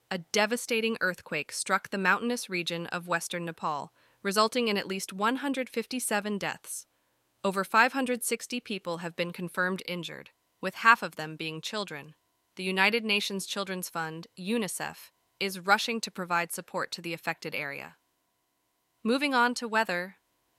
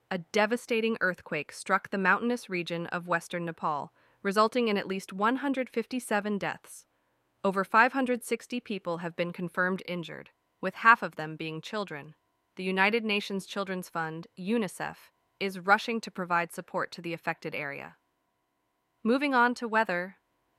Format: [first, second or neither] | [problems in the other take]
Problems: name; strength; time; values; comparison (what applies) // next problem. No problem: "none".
first | muffled; slightly; fading above 3 kHz